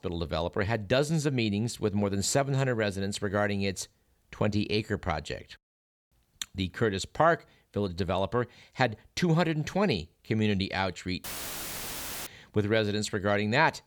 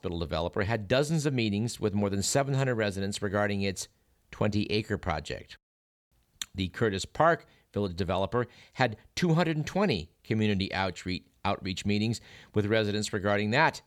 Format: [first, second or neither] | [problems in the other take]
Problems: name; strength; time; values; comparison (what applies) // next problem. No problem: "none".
second | audio cutting out; filled with static; at 11 s for 1 s